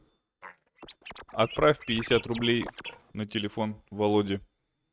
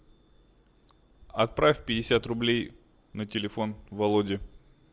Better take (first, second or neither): second